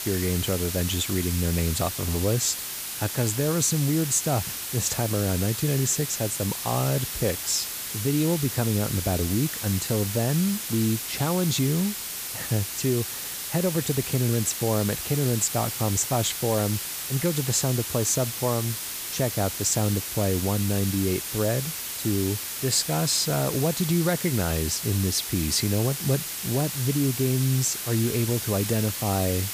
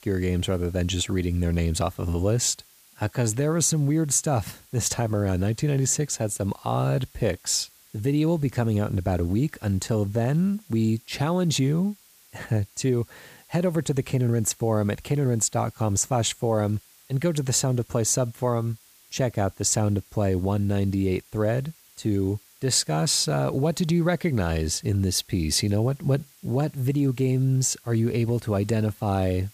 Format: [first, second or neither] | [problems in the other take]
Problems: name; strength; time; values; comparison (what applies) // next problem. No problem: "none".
second | hiss; loud; throughout; 4 dB below the speech; faint in the second